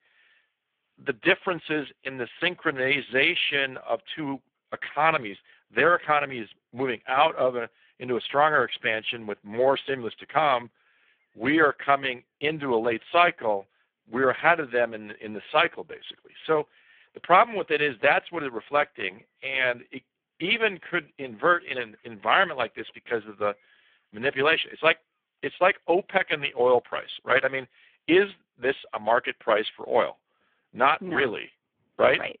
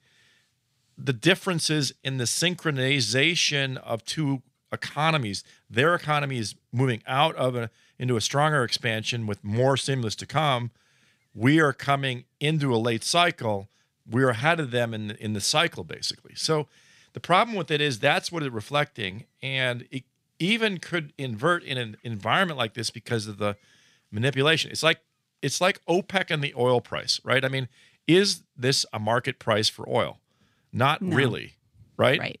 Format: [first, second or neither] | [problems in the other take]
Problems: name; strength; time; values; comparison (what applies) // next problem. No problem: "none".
second | phone-call audio; poor line